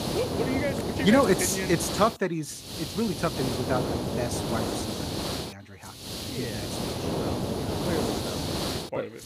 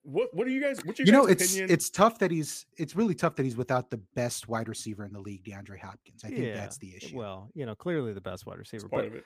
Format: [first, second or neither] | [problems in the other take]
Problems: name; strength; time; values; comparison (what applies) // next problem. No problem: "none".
second | hiss; loud; throughout; 2 dB below the speech